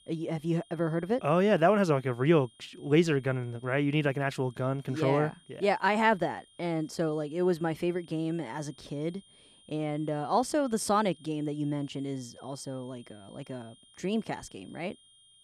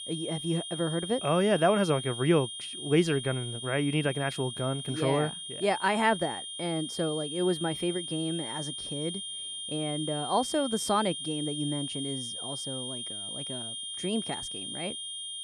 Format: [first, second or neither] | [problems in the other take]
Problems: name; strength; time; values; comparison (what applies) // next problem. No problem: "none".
first | high-pitched whine; loud; throughout; 3 kHz, 6 dB below the speech; faint in the first